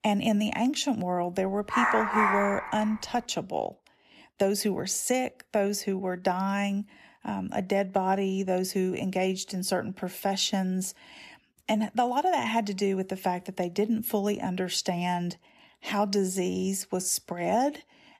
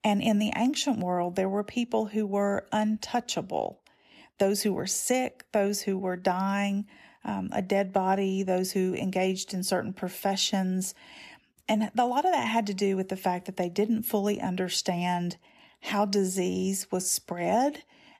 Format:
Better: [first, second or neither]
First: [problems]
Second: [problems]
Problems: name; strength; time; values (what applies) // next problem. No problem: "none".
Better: second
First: dog barking; loud; from 1.5 to 3 s; peak 4 dB above the speech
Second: none